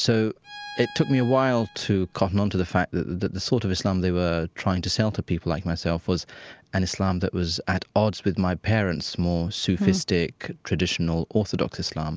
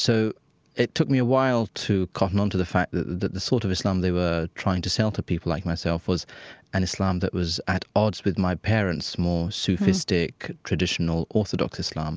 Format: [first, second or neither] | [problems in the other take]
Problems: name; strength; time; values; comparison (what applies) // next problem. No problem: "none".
second | background sound (Bowed string instrument); 19 dB below the speech